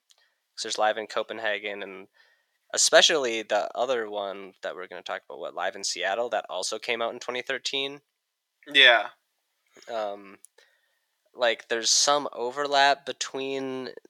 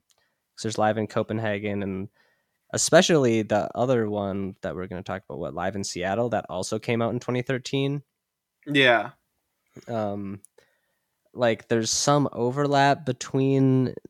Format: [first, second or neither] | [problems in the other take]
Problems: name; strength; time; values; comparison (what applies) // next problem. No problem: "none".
second | thin; very; fading below 600 Hz